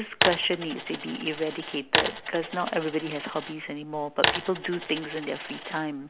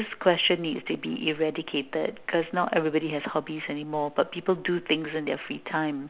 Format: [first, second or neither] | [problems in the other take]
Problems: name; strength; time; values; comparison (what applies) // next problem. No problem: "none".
second | background sound (Coin (dropping)); 1 dB below the speech